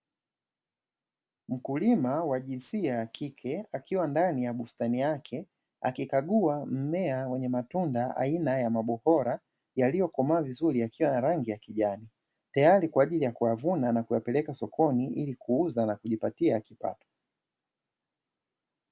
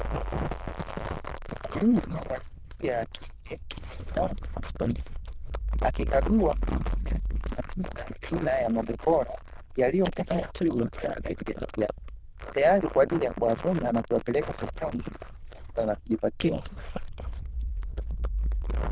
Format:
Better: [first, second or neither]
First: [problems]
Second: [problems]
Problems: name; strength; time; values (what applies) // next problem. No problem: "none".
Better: first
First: none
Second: noise reduction (neural diffusion model UNIVERSE++)